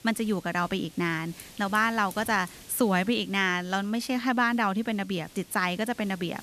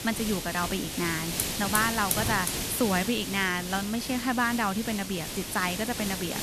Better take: first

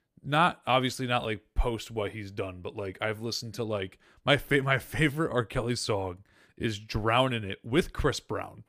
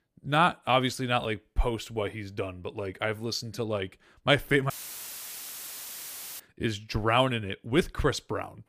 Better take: first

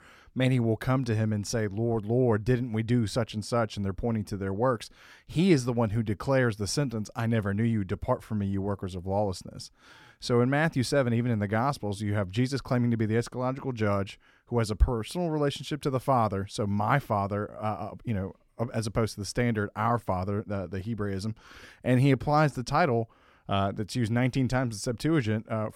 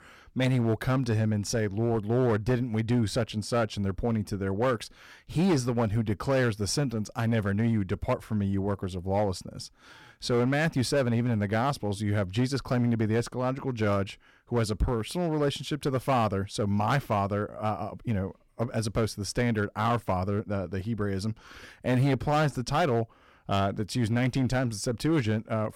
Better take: first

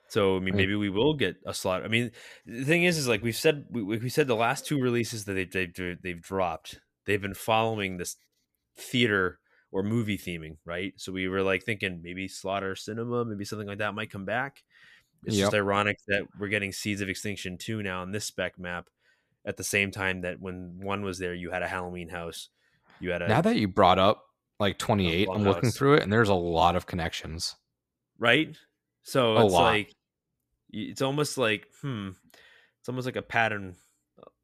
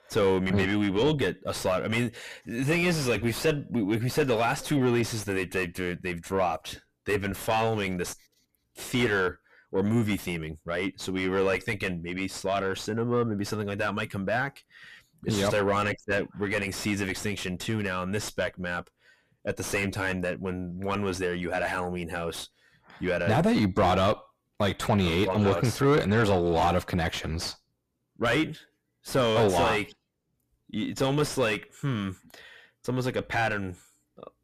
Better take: first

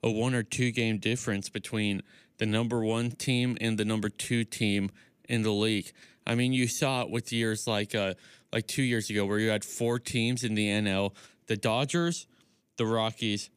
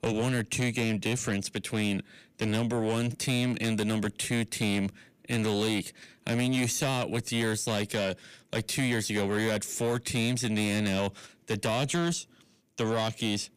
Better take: first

